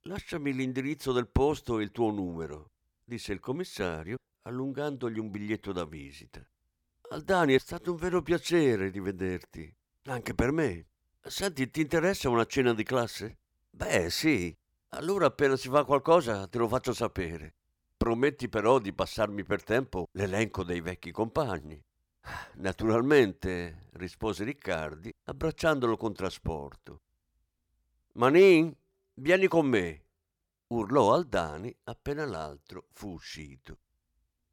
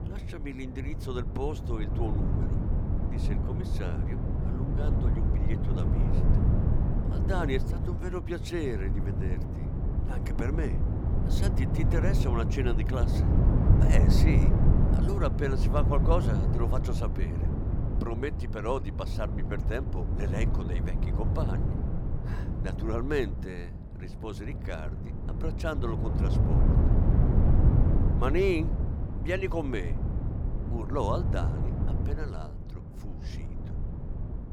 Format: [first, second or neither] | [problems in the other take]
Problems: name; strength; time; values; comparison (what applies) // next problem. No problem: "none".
first | wind noise on the microphone; heavy; 3 dB below the speech